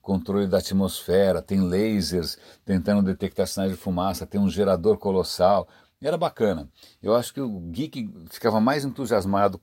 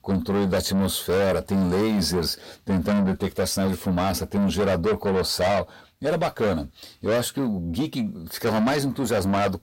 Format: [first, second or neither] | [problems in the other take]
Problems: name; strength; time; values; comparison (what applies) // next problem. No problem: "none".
first | distortion; heavy; 7 dB below the speech